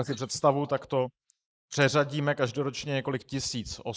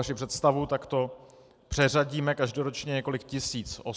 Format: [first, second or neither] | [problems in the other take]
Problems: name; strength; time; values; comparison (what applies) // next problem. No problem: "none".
second | noise reduction (neural mask model Resemble Enhance denoiser)